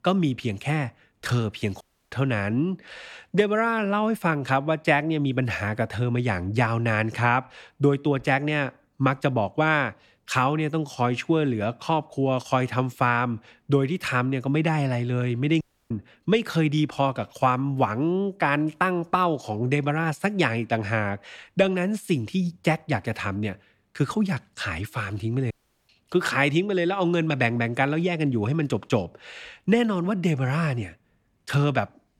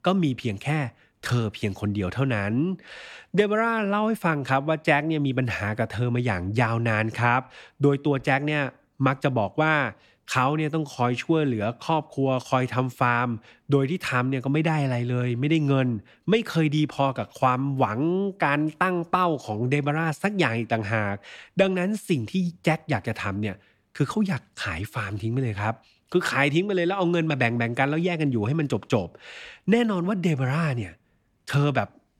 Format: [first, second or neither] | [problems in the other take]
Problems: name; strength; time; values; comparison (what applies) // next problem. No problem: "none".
second | audio cutting out; at 2 s, at 16 s and at 26 s